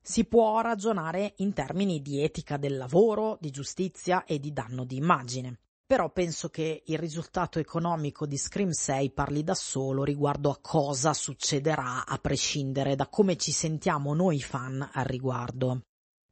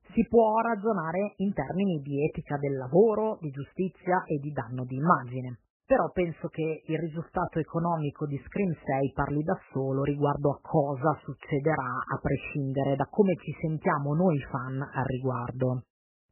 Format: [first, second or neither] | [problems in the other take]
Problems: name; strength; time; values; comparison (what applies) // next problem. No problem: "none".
first | garbled, watery; badly; nothing above 3 kHz; slightly in the first